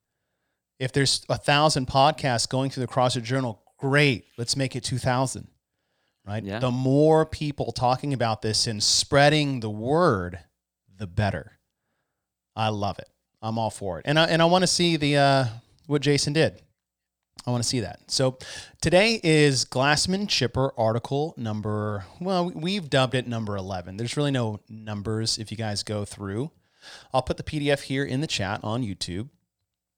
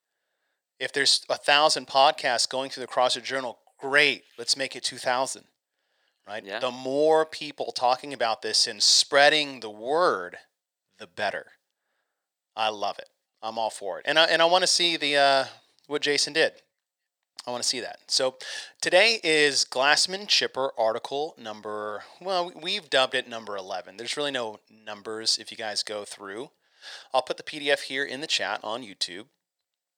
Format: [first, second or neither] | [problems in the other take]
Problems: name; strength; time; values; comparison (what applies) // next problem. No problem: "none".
first | thin; very; fading below 500 Hz